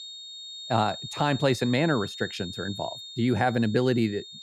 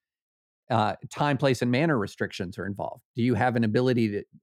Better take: second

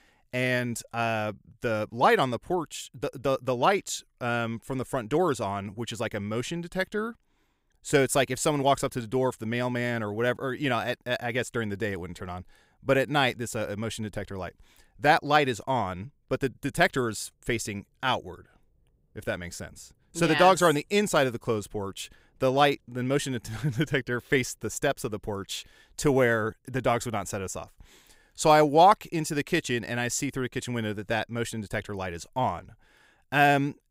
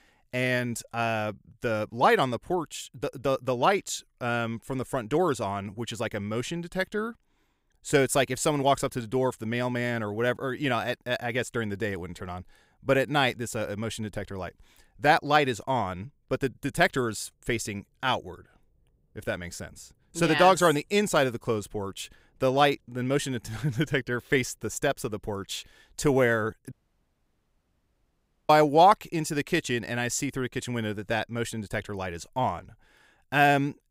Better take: first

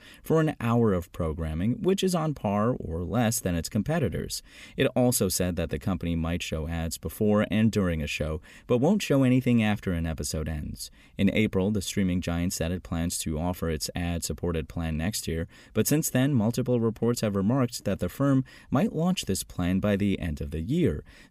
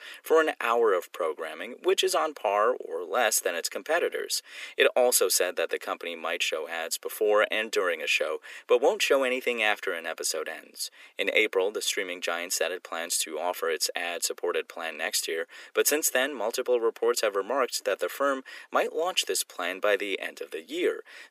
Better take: first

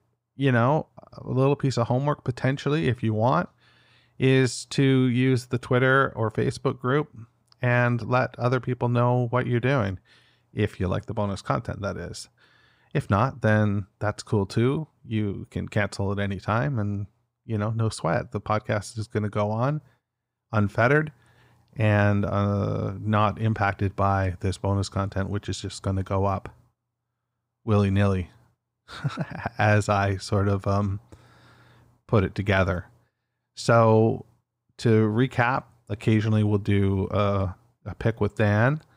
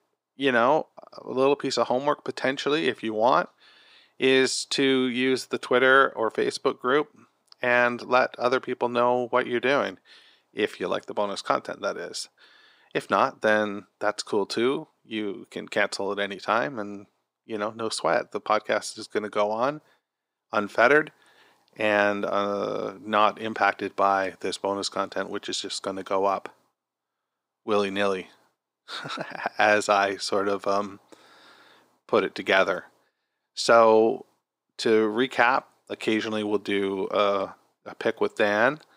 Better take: first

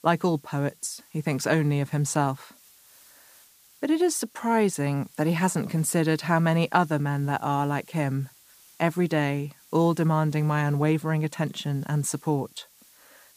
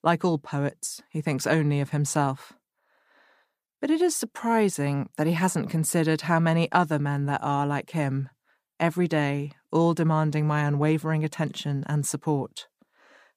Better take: second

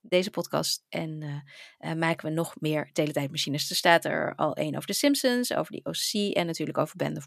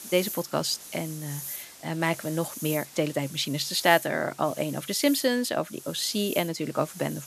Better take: first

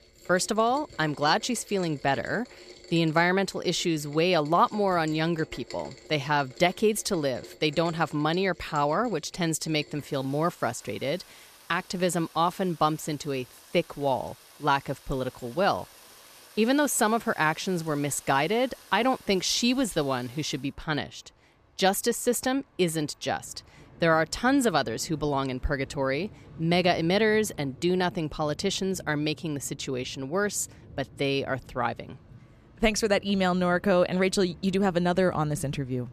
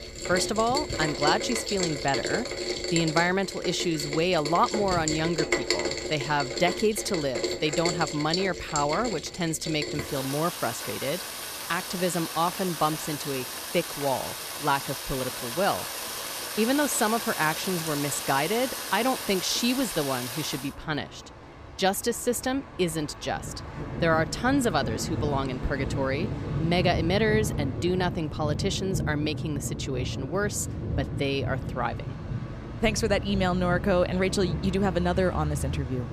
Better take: first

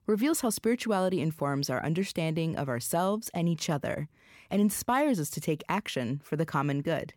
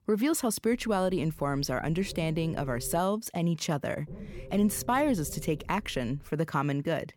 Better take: first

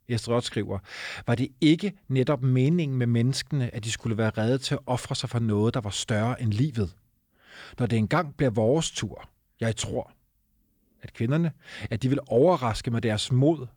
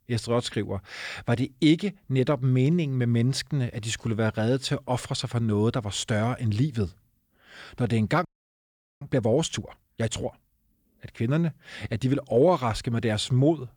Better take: first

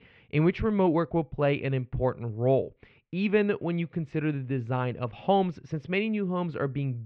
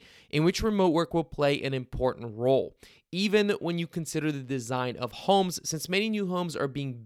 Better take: second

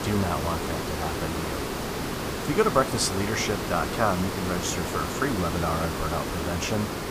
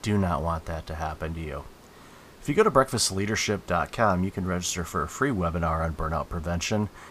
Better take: second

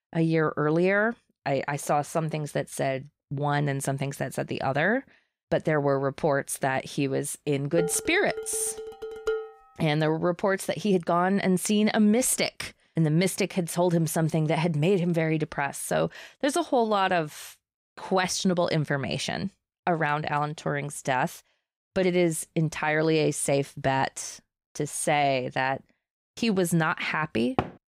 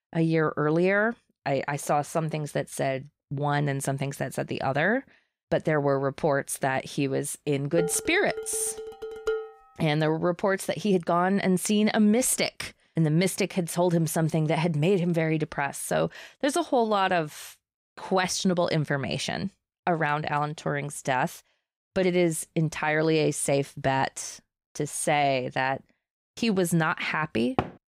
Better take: neither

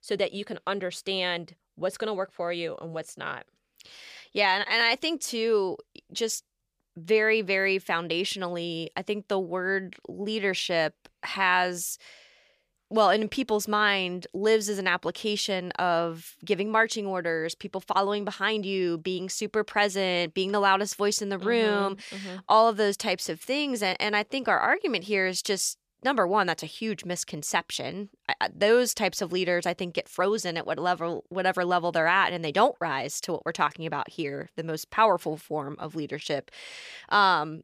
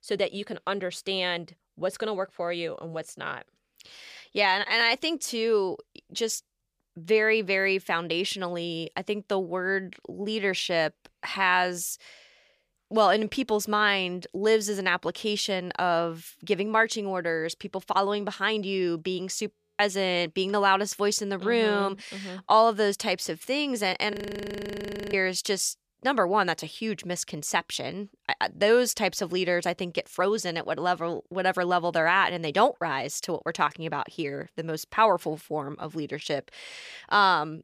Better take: first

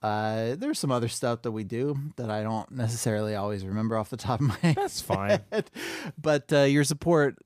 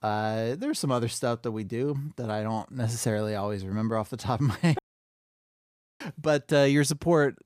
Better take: first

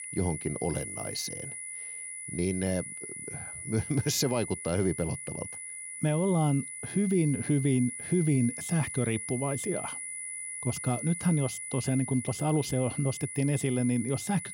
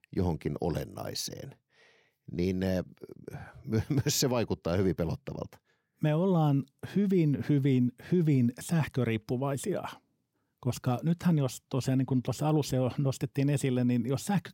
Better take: second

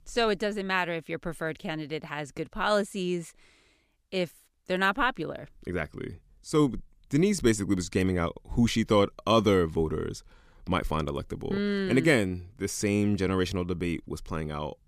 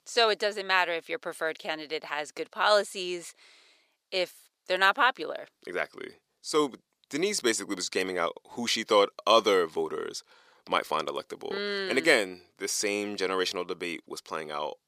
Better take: first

